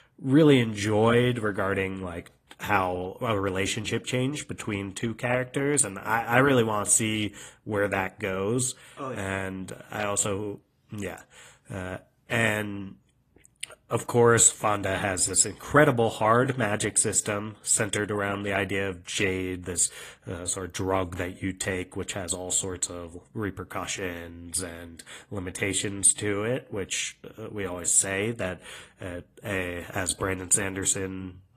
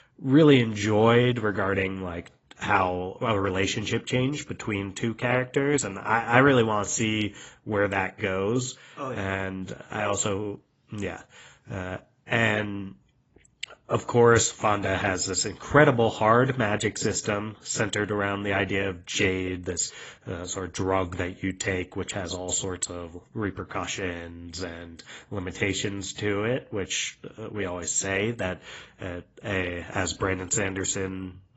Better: first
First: garbled, watery; slightly; nothing above 15 kHz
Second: garbled, watery; badly; nothing above 7.5 kHz

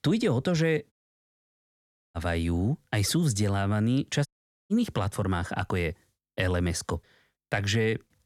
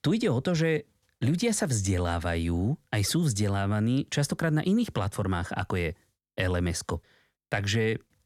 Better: second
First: audio cutting out; at 1 s for 1 s and at 4.5 s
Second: none

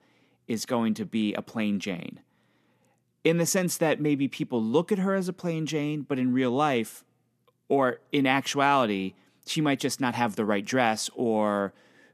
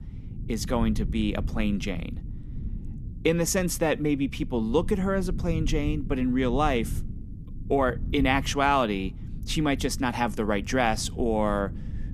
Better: first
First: none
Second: low rumble; faint; throughout; 20 dB below the speech

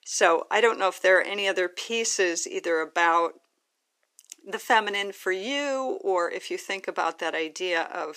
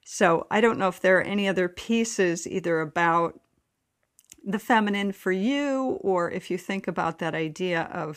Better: second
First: thin; somewhat; fading below 350 Hz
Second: none

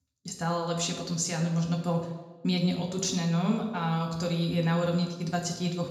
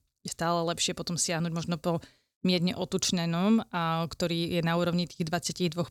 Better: second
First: room echo; noticeable; dies away in 0.9 s // off-mic speech; somewhat distant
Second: none

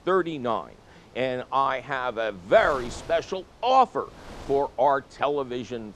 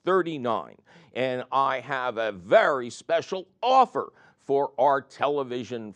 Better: second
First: wind noise on the microphone; occasional gusts; 25 dB below the speech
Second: none

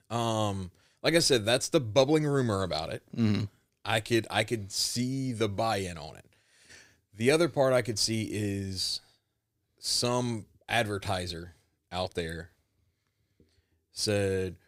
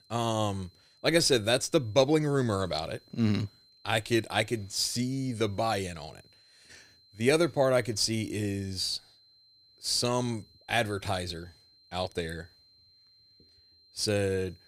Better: first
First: none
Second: high-pitched whine; faint; throughout; 4 kHz, 30 dB below the speech

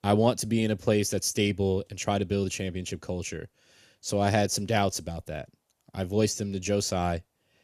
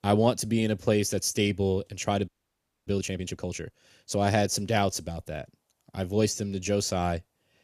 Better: first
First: none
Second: audio freezing; at 2.5 s for 0.5 s

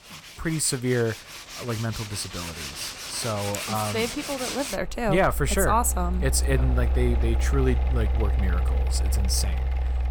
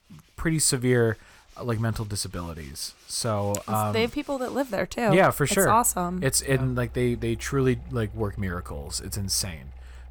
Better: second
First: machinery noise; loud; throughout; 1 dB below the speech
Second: machinery noise; faint; throughout; 20 dB below the speech

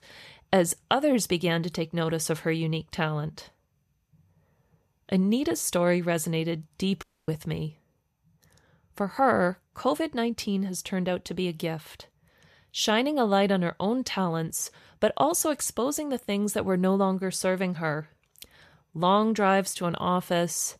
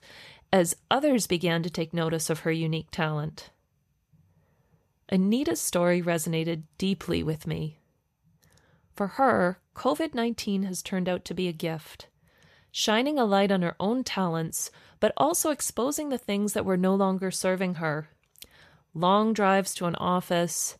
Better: second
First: audio cutting out; at 7 s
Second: none

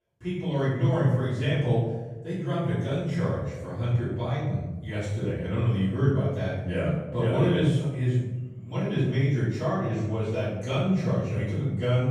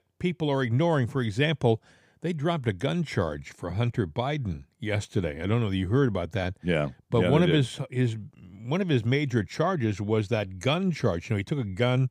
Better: second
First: off-mic speech; far // room echo; strong; dies away in 1 s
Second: none

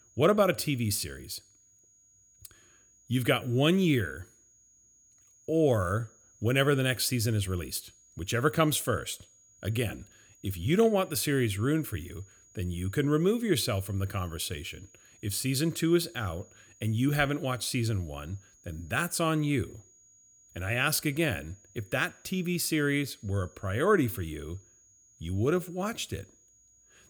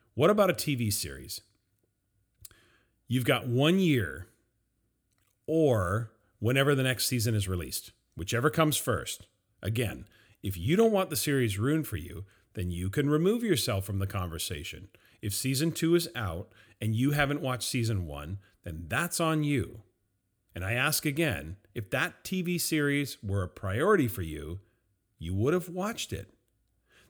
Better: second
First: high-pitched whine; faint; throughout; 6.5 kHz, 30 dB below the speech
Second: none

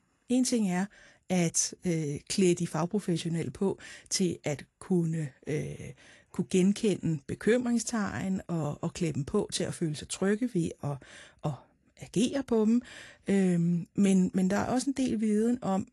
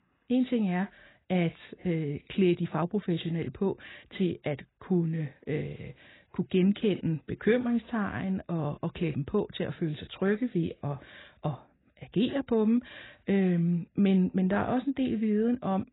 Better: first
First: garbled, watery; slightly; nothing above 11 kHz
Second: garbled, watery; badly; nothing above 4 kHz

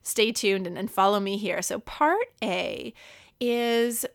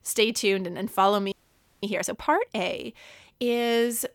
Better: first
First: none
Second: audio freezing; at 1.5 s for 0.5 s

